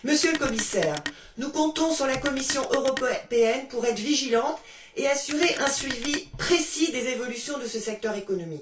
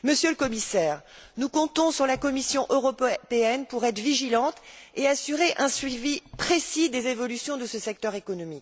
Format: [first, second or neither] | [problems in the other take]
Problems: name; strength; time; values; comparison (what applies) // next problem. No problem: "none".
second | background sound (Telephone); 11 dB below the speech // room echo; dies away in 0.3 s